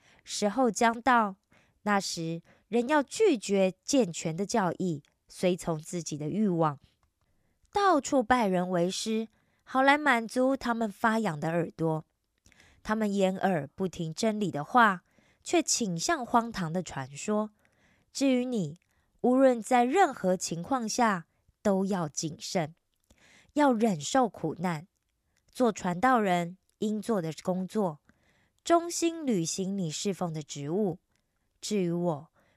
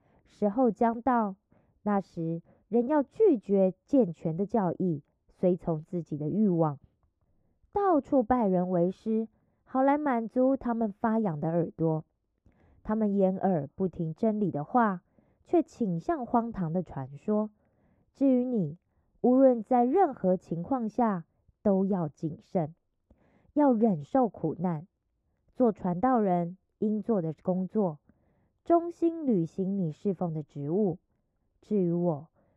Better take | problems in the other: first | muffled; very; fading above 2 kHz

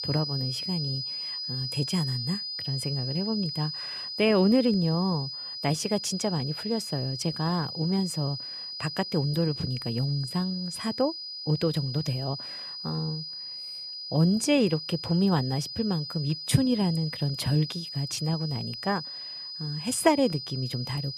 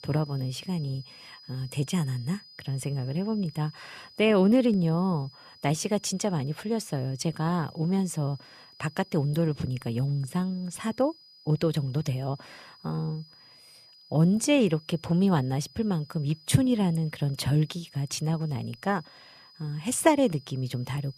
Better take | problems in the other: second | high-pitched whine; loud; throughout; 5 kHz, 6 dB below the speech; faint in the second

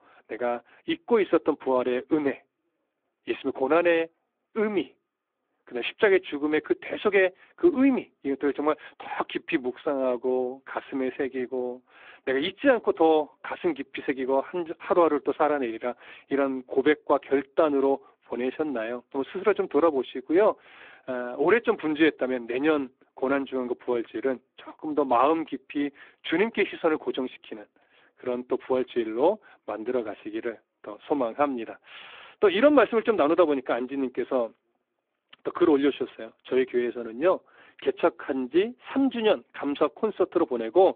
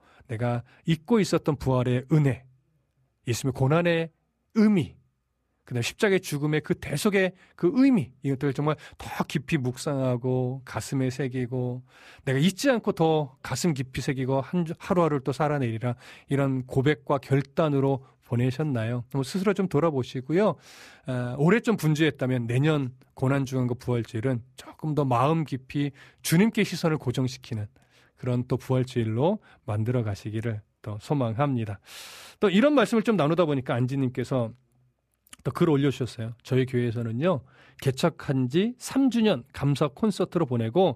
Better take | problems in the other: second | phone-call audio; nothing above 3.5 kHz

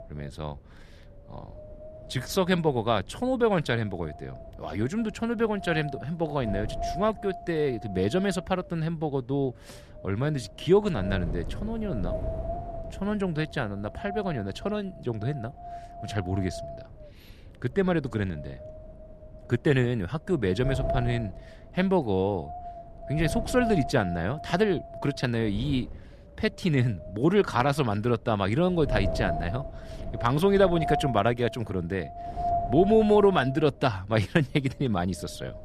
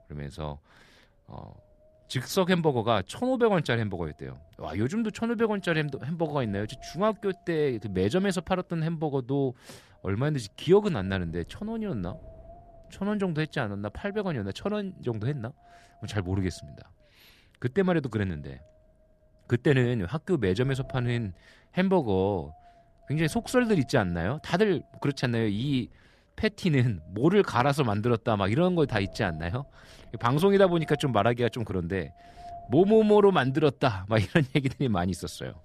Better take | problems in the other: second | wind noise on the microphone; heavy; 8 dB below the speech; occasional gusts in the second

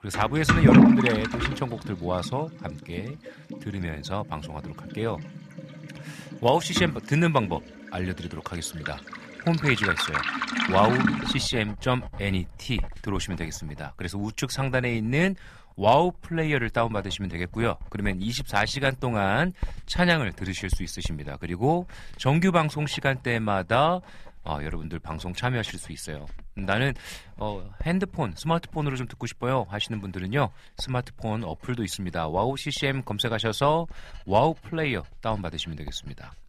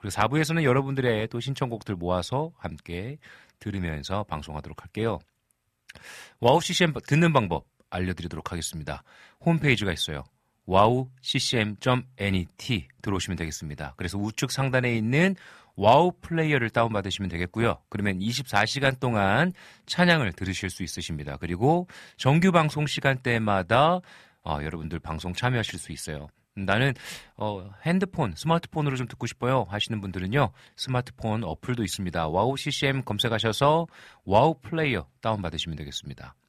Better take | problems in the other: second | household noises; loud; throughout; as loud as the speech

